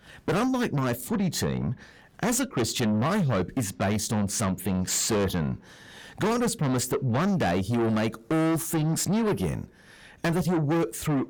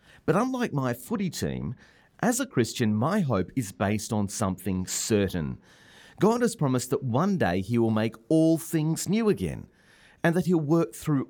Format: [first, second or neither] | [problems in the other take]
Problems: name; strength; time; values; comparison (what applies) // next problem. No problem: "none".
second | distortion; heavy; 6 dB below the speech